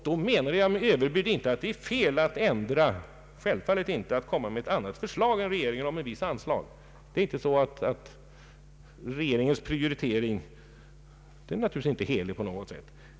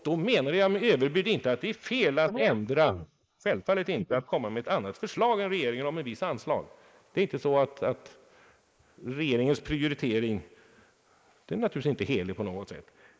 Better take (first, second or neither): first